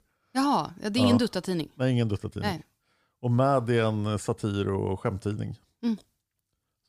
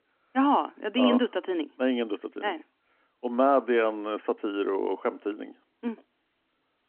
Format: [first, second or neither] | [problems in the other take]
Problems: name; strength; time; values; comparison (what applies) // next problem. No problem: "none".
first | phone-call audio; nothing above 3 kHz